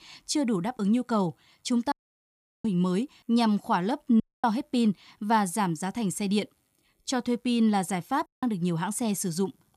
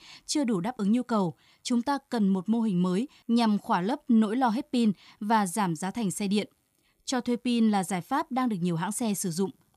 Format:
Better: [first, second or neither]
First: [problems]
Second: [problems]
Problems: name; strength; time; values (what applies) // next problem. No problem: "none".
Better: second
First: audio cutting out; at 2 s for 0.5 s, at 4 s and at 8.5 s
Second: none